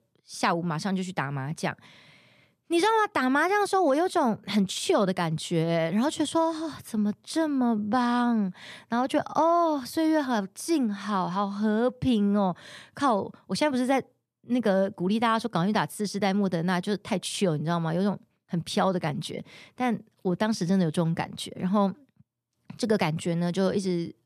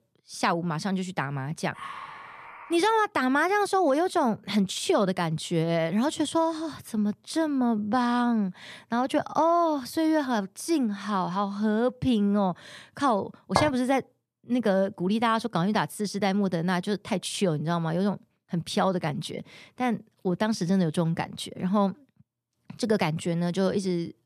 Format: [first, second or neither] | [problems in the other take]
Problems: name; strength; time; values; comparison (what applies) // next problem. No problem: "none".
first | dog barking; faint; from 1.5 to 3 s; peak 10 dB below the speech // clattering dishes; noticeable; at 14 s; peak 2 dB below the speech